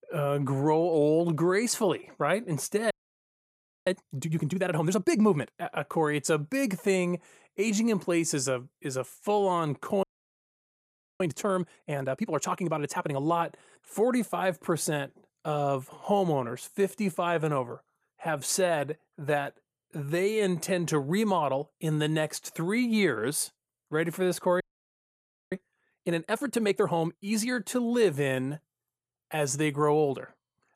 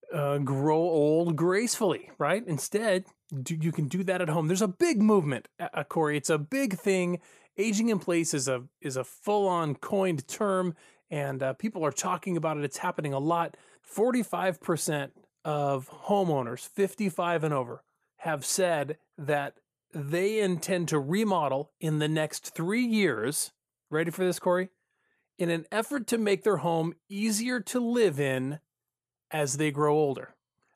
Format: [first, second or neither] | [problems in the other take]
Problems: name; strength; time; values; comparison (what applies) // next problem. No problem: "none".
second | audio freezing; at 3 s for 1 s, at 10 s for 1 s and at 25 s for 1 s